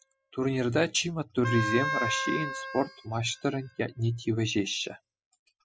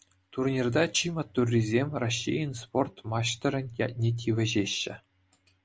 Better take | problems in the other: second | noise reduction (classical method spectral subtraction)

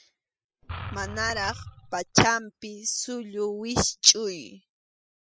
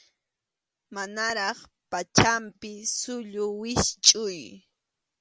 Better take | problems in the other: second | noise reduction (classical method spectral subtraction)

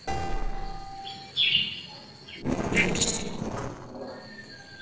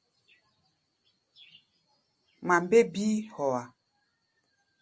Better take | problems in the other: second | noise reduction (neural separator model SepFormer DNS4)

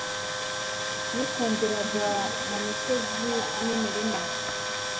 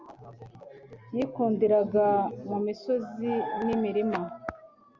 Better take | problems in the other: second | background sound (Tools); 1 dB above the speech // room echo; dies away in 1.3 s

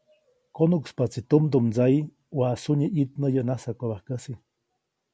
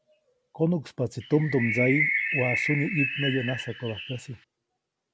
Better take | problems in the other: first | background sound (Bird); 1 dB below the speech

